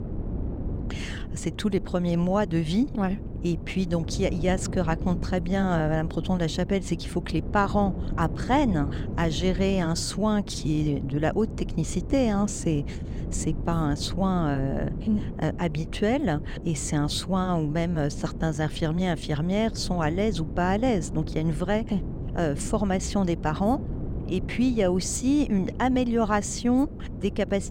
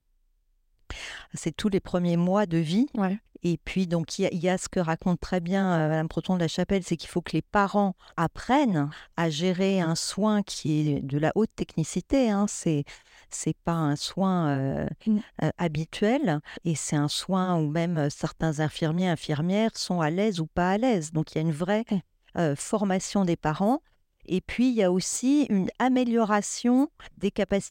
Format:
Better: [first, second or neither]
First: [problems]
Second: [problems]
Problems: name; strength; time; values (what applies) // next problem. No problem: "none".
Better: second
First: wind noise on the microphone; occasional gusts; 15 dB below the speech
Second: none